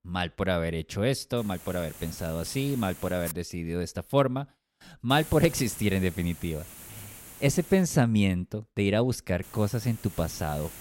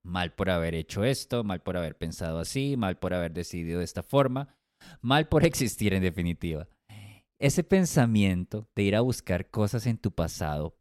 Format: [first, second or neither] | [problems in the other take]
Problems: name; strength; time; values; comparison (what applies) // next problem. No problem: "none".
second | hiss; noticeable; from 1.5 to 3.5 s, from 5 to 8 s and from 9.5 s on; 15 dB below the speech